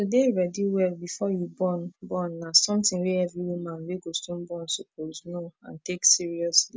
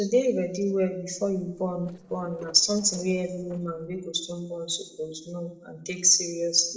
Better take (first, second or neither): first